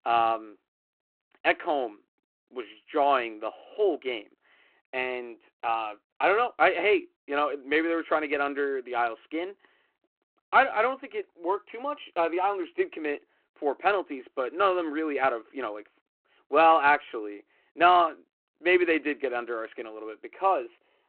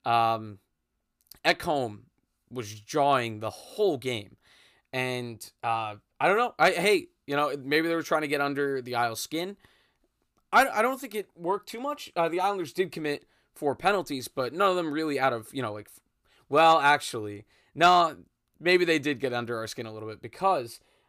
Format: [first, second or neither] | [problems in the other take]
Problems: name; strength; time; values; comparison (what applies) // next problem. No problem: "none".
second | phone-call audio